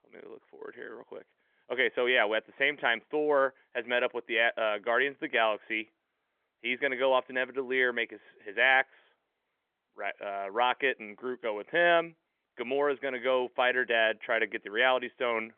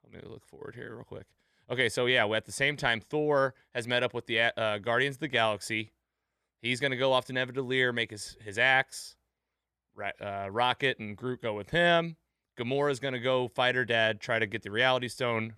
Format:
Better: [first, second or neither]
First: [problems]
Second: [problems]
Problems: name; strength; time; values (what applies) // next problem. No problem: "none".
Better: second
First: phone-call audio; nothing above 3.5 kHz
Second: none